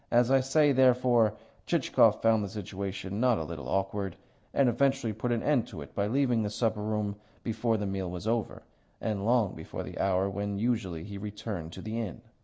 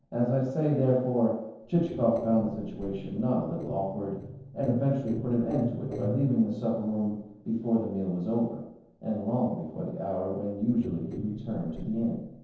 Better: first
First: none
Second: noise reduction (neural separator model SepFormer DNS4)

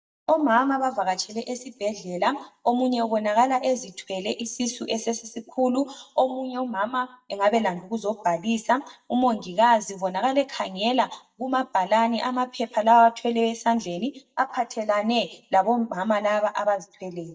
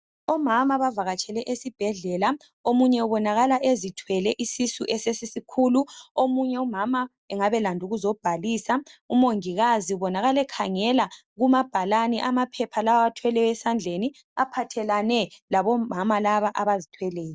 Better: second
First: noise reduction (neural mask model DeepFilterNet 3)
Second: none

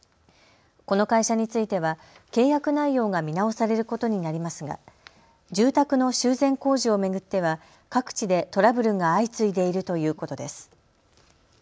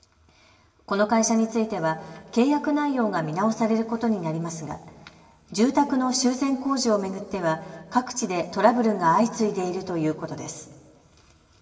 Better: first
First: none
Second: room echo; dies away in 1.8 s

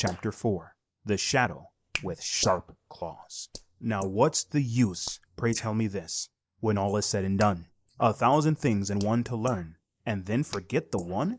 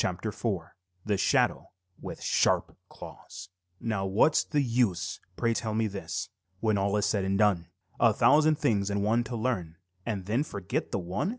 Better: second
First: noise reduction (neural mask model Resemble Enhance denoiser)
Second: none

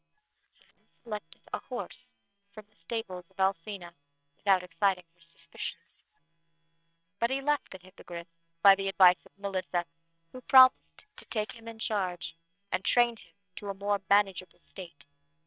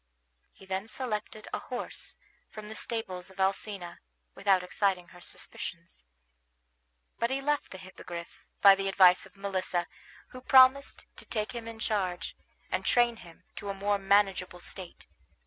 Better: second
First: noise reduction (neural separator model SepFormer WHAM!)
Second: none

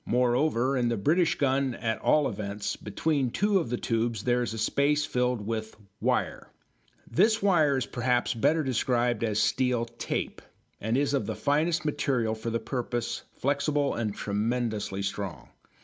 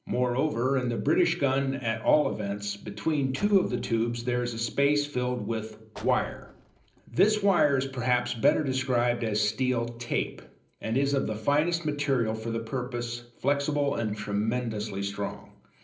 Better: first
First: none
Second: noise reduction (neural separator model SepFormer DNS4)

